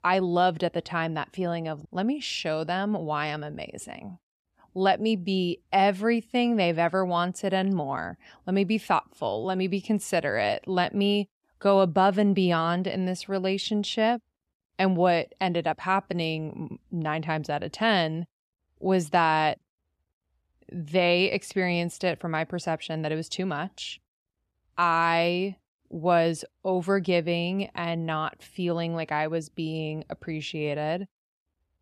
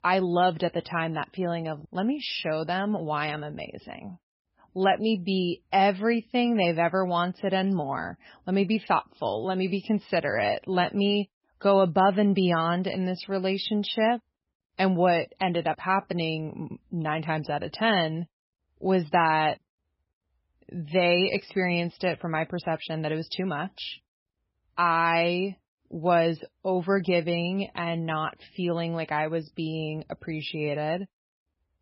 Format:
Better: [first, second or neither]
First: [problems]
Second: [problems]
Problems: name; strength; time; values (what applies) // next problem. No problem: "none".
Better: first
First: none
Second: garbled, watery; badly; nothing above 5.5 kHz